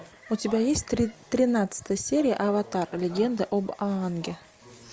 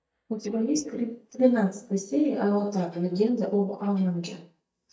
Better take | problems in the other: first | noise reduction (neural mask model DeepFilterNet 3)

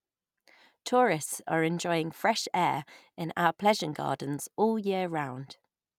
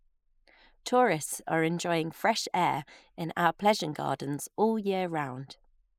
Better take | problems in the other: first | noise reduction (neural mask model Resemble Enhance denoiser)

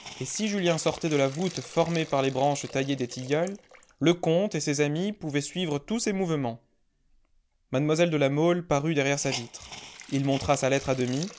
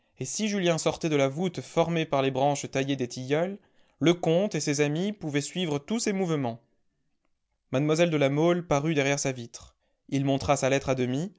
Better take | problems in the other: second | background sound (Hiss); 19 dB below the speech

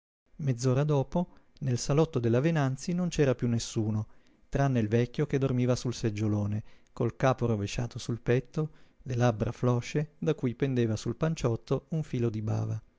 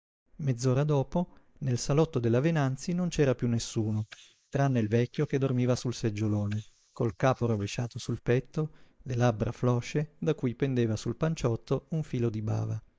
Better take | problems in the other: first | noise reduction (neural mask model Resemble Enhance denoiser)

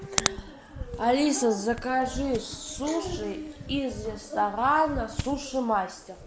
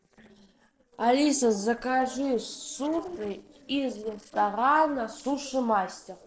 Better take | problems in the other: first | noise reduction (neural separator model SepFormer DNS4)

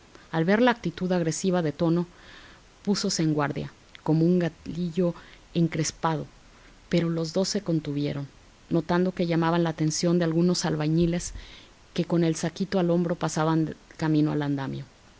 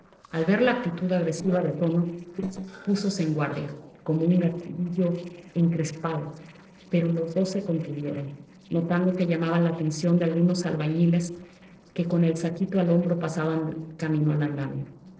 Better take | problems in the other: first | noise reduction (neural separator model SepFormer DNS4)

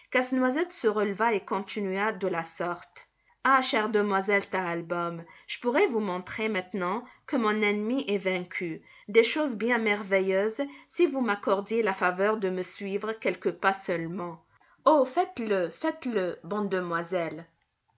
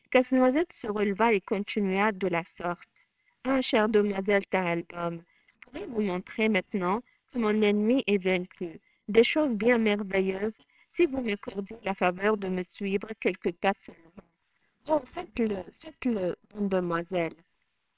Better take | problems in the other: first | noise reduction (neural separator model SepFormer WHAMR!)

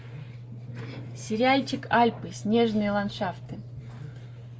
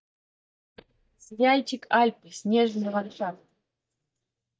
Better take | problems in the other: first | noise reduction (neural mask model DeepFilterNet 3)

